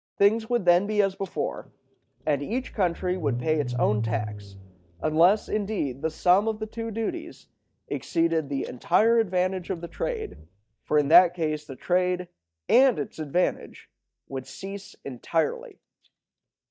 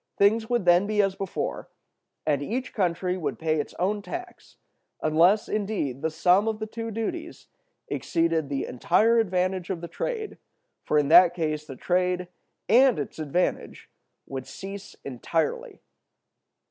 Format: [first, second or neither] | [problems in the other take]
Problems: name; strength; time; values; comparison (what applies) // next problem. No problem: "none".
second | noise reduction (neural mask model DeepFilterNet 3)